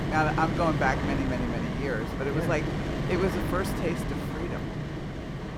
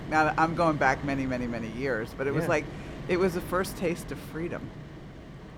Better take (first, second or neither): second